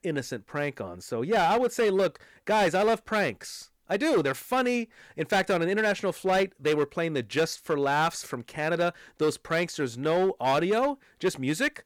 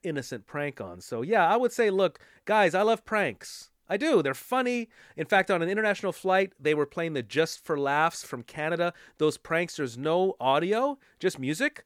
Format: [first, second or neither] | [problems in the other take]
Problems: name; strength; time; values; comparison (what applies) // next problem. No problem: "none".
second | distortion; slight; 8% of the sound clipped